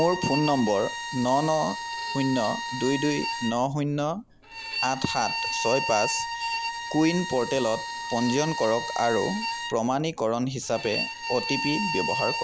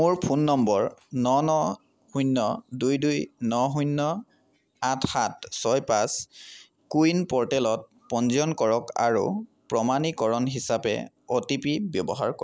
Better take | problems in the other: second | background sound (Bowed string instrument); 5 dB below the speech

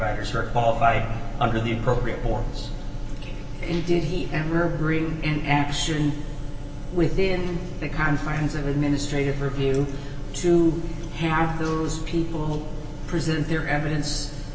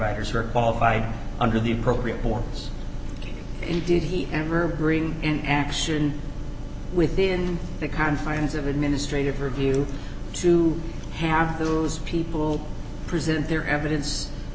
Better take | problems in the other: second | room echo; dies away in 2.5 s

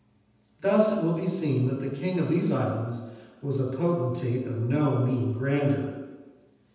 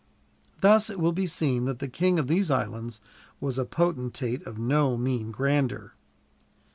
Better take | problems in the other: second | room echo; dies away in 1.1 s

